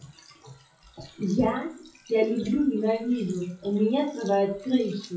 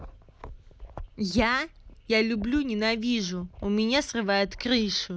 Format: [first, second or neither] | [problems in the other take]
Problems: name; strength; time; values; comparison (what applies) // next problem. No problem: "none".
second | noise reduction (classical method WPE with log-MMSE)